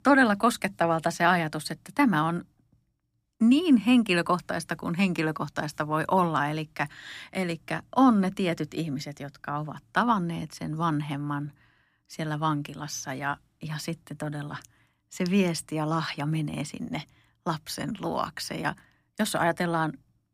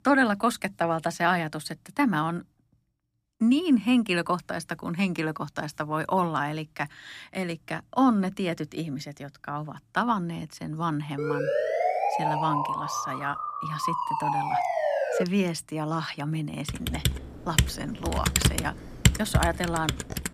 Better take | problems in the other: first | siren; loud; from 11 to 15 s; peak 3 dB above the speech // keyboard typing; loud; from 17 s on; peak 6 dB above the speech

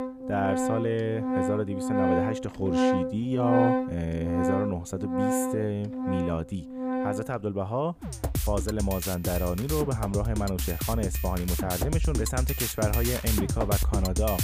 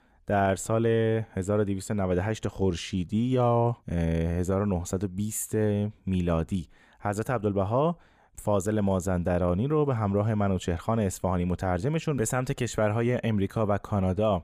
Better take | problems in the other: second | background music; very loud; throughout; 1 dB above the speech

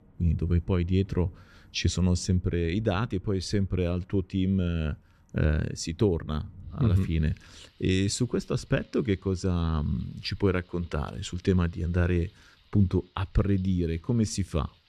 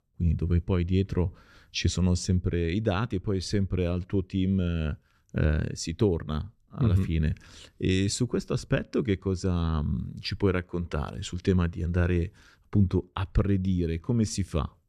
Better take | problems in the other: second | rain or running water; faint; throughout; 25 dB below the speech

